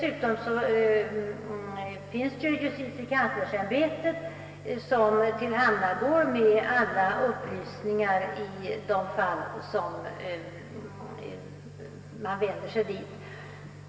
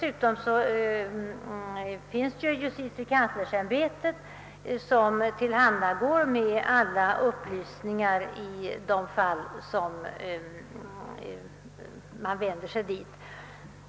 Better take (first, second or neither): second